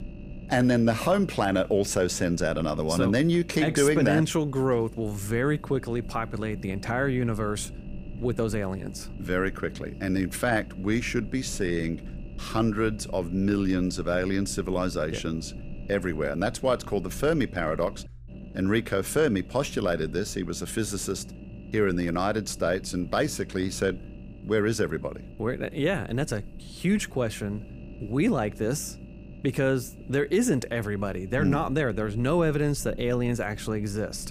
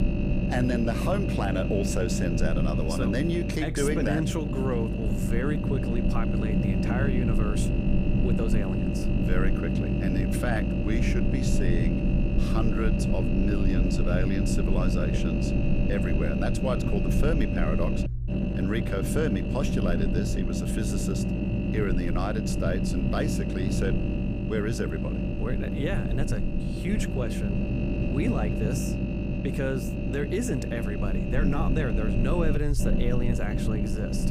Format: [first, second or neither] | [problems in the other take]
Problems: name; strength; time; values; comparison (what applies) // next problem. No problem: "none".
first | low rumble; loud; throughout; 1 dB below the speech; faint in the first